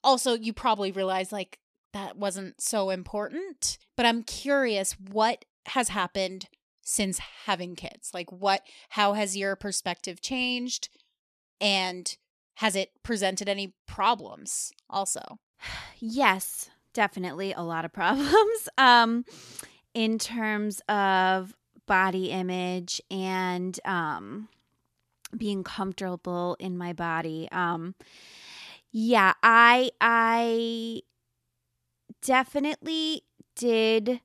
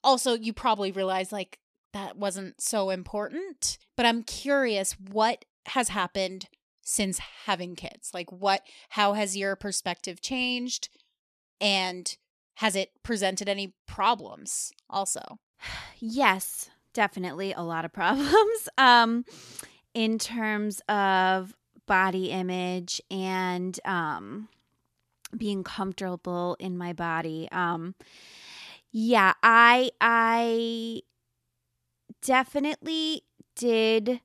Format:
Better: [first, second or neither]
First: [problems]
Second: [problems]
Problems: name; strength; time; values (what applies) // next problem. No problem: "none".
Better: neither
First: none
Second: none